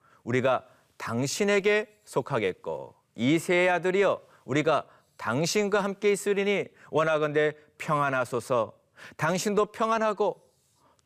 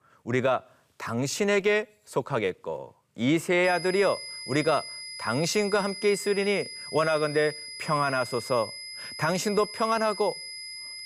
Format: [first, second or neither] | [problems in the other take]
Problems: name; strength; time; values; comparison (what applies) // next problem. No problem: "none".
first | high-pitched whine; noticeable; from 3.5 s on; 5 kHz, 10 dB below the speech